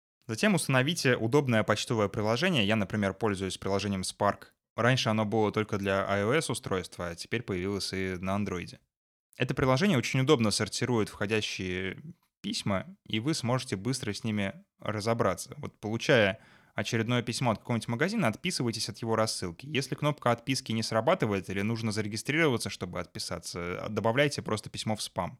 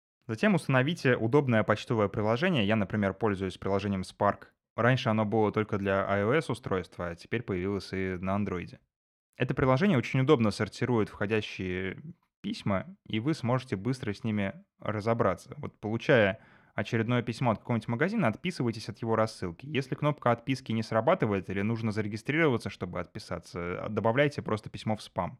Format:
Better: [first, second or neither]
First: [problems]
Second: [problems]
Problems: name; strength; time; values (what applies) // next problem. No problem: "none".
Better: first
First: none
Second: muffled; slightly; fading above 3.5 kHz